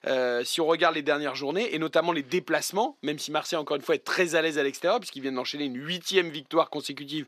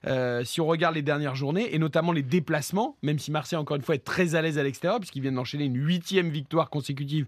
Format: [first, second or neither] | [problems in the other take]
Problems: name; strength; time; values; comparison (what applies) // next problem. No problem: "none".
second | thin; somewhat; fading below 300 Hz